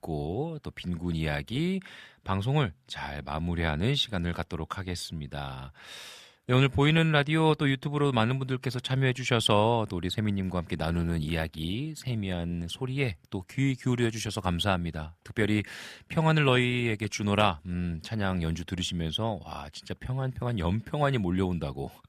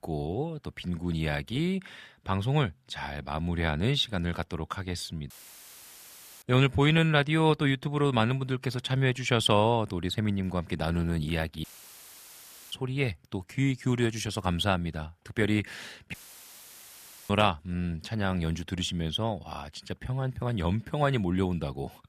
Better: first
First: none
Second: audio cutting out; filled with static; at 5.5 s for 1 s, at 12 s for 1 s and at 16 s for 1 s

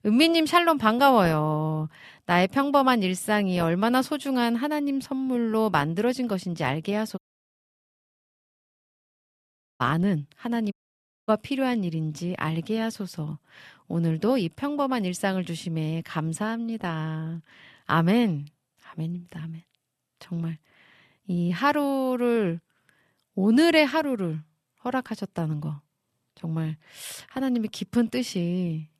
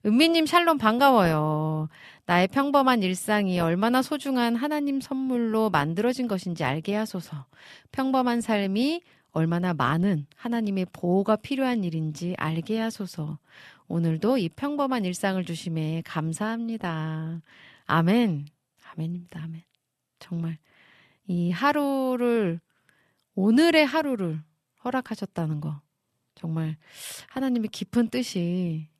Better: second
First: audio cutting out; at 7 s for 2.5 s and at 11 s for 0.5 s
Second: none

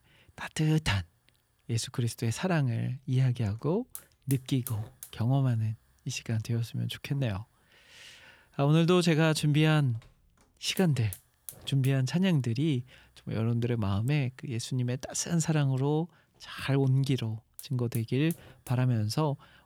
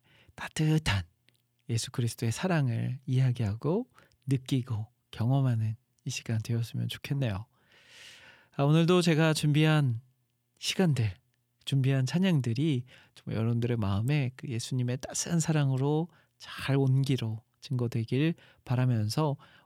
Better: second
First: hiss; noticeable; throughout; 15 dB below the speech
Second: none

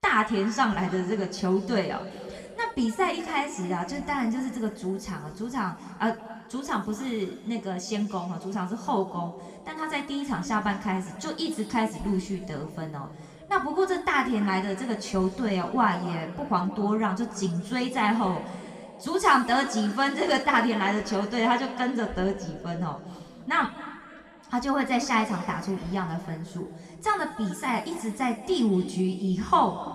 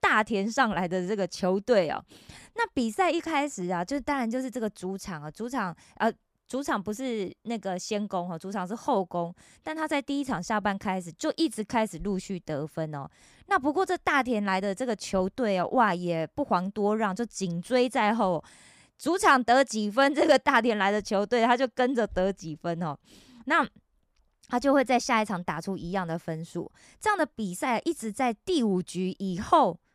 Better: second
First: room echo; noticeable; dies away in 2.1 s // off-mic speech; somewhat distant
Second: none

